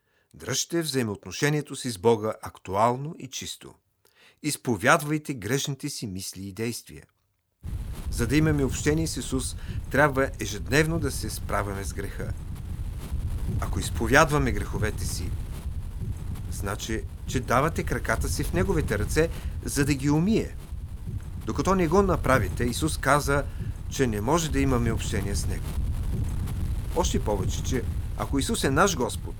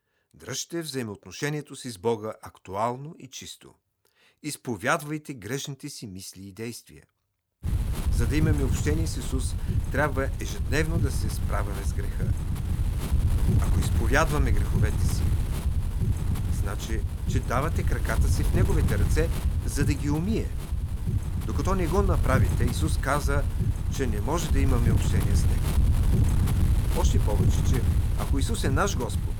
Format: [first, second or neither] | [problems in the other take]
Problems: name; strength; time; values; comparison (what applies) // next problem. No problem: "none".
first | wind noise on the microphone; heavy; from 7.5 s on; 7 dB below the speech; occasional gusts in the first